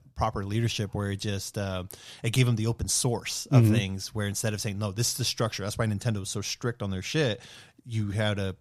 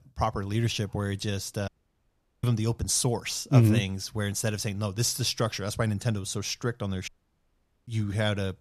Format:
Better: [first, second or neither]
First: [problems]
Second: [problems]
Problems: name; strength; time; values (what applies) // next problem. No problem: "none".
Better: first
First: none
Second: audio cutting out; at 1.5 s for 1 s and at 7 s for 1 s